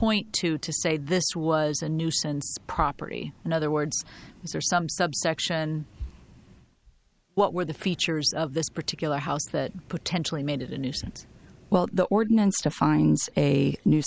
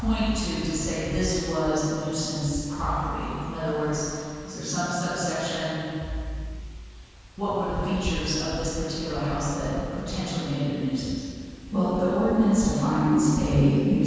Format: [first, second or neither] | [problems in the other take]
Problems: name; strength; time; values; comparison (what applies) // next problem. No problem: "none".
first | background sound (Wind); 12 dB below the speech // room echo; dies away in 2.1 s